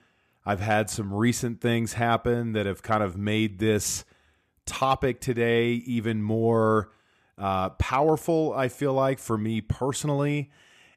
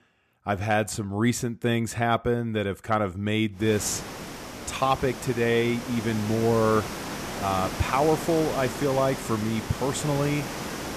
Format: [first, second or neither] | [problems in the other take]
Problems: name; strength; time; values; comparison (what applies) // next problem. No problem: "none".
first | hiss; loud; from 3.5 s on; 8 dB below the speech